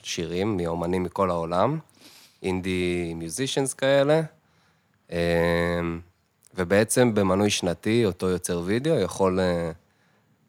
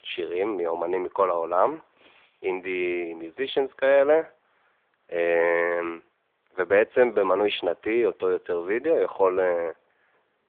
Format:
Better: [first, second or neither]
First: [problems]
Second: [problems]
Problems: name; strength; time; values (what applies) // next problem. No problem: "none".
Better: first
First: none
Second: phone-call audio; nothing above 3.5 kHz